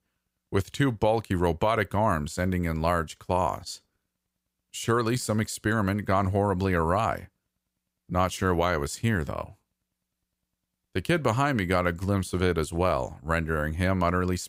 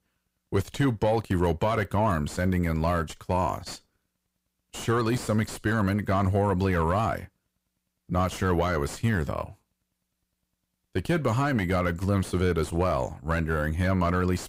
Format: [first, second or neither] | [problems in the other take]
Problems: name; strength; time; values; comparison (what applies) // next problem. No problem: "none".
first | distortion; slight; 10 dB below the speech